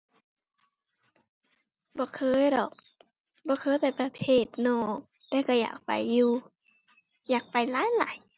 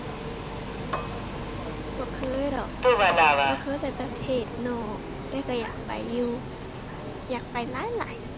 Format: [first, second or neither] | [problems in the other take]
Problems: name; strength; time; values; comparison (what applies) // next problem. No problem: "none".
first | background sound (Cutlery, silverware / Dishes, pots, and pans + Subway, metro, underground); 4 dB above the speech